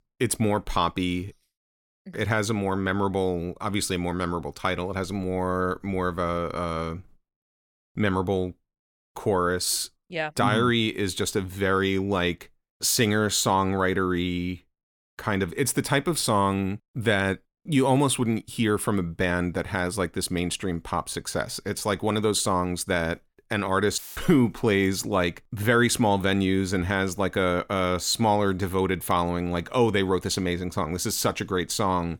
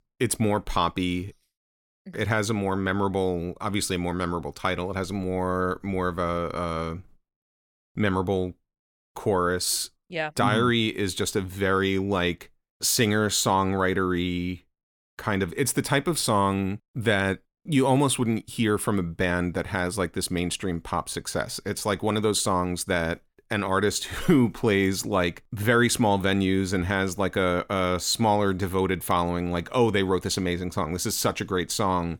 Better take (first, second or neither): second